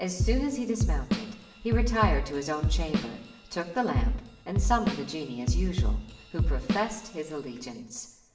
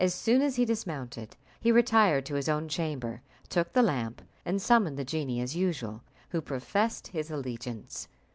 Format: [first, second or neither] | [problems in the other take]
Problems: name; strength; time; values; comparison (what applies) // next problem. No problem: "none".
second | background sound (Drum kit); 3 dB above the speech // room echo; dies away in 0.8 s